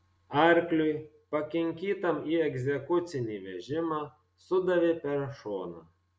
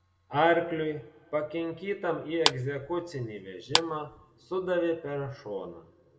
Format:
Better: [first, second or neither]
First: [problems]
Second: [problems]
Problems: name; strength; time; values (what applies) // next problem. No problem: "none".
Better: first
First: none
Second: background sound (Clapping); 2 dB below the speech // room echo; dies away in 2.2 s